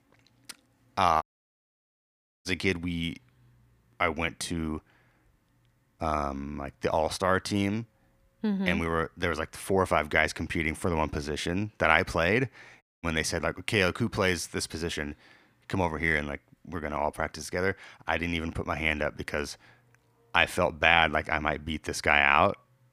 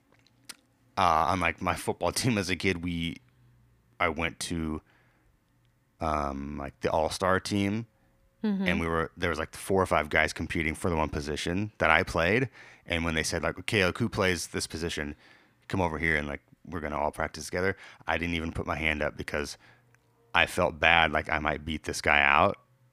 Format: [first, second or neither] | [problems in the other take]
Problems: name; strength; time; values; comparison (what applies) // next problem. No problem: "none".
second | audio cutting out; at 1 s for 1 s and at 13 s